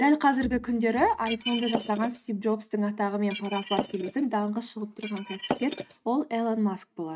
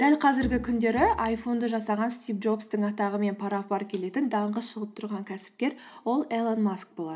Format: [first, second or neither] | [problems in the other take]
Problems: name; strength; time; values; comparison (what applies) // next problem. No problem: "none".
second | noise reduction (neural mask model RNNoise)